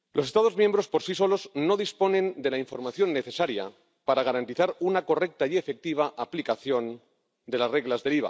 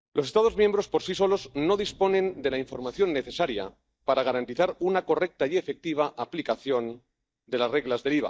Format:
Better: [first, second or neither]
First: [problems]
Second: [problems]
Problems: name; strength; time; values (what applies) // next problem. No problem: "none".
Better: first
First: none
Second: noise reduction (neural mask model DeepFilterNet 3)